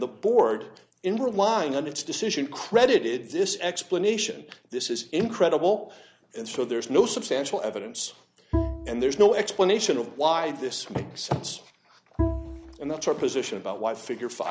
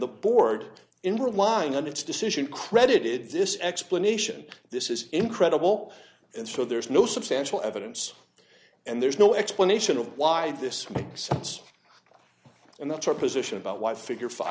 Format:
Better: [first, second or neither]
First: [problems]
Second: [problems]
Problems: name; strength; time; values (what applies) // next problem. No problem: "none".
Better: second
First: background sound (Bowed string instrument); 7 dB below the speech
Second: none